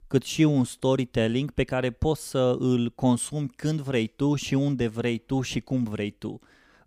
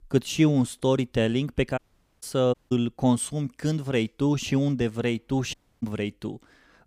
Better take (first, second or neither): first